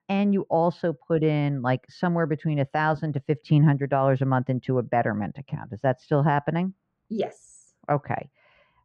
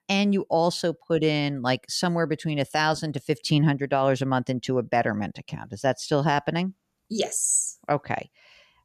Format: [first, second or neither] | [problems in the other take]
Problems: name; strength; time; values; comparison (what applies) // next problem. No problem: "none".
second | muffled; very; fading above 1.5 kHz